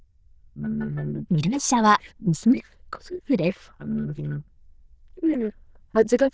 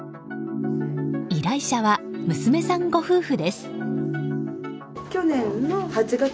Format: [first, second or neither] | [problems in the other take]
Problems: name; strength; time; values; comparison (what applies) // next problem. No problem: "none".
second | noise reduction (neural diffusion model UNIVERSE++)